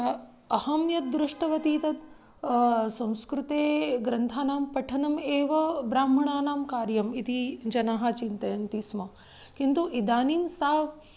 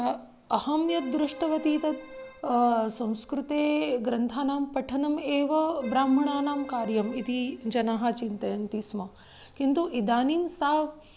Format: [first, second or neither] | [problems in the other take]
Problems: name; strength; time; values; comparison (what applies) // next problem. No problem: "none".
first | background sound (Keyboard (musical)); 18 dB below the speech